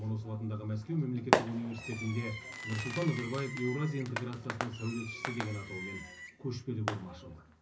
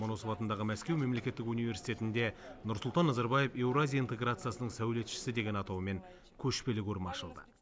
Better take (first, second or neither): second